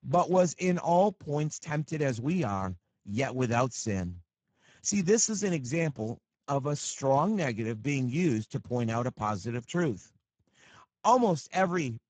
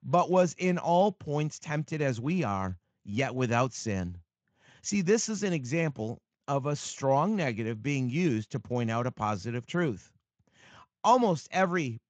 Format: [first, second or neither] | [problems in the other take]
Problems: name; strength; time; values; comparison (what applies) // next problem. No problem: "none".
second | garbled, watery; badly; nothing above 7.5 kHz; slightly in the second